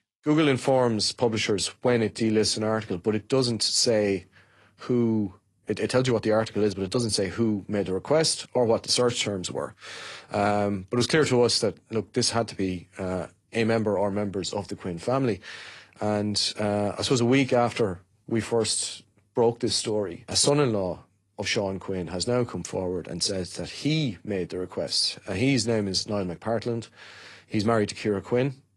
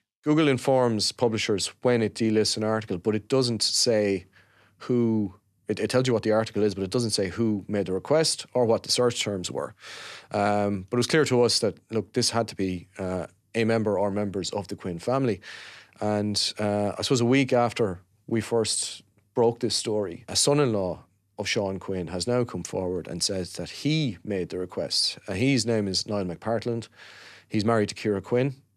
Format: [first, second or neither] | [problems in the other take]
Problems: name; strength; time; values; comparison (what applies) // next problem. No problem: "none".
second | garbled, watery; slightly